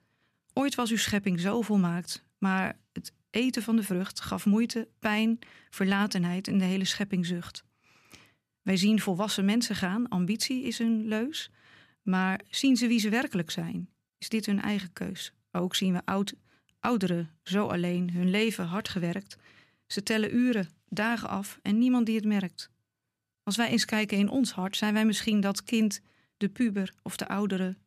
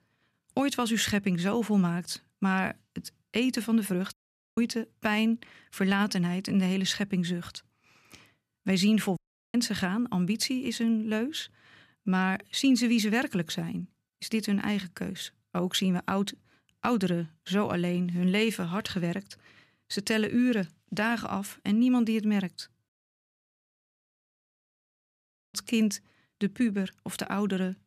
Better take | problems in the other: first | audio cutting out; at 4 s, at 9 s and at 23 s for 2.5 s

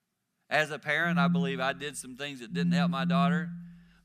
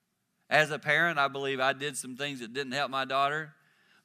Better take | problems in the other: second | phone ringing; loud; from 1 s on; peak 4 dB above the speech

